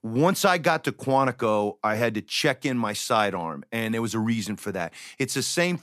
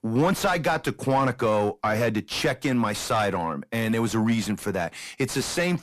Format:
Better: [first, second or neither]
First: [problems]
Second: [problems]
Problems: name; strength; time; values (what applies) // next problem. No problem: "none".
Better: first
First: none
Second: distortion; heavy; 7 dB below the speech